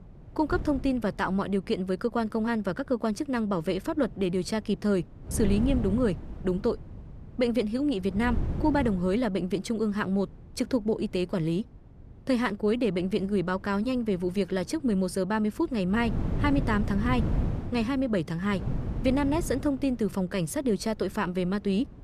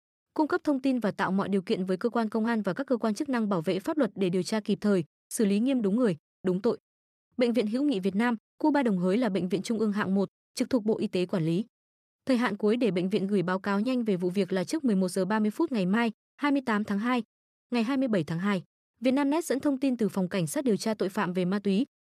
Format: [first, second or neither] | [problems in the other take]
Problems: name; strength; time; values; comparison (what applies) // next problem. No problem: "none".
second | wind noise on the microphone; occasional gusts; 15 dB below the speech